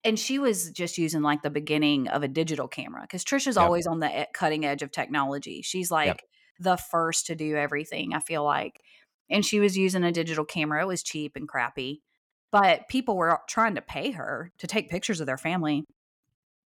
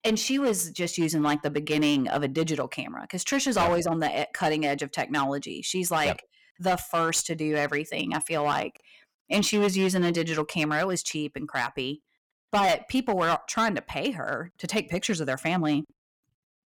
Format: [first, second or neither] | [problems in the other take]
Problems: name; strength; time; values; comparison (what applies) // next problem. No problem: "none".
first | distortion; slight; 7% of the sound clipped